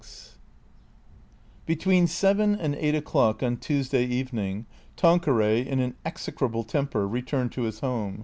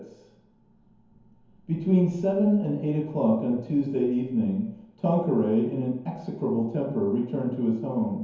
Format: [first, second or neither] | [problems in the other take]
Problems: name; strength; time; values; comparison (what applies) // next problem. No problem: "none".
first | room echo; dies away in 0.9 s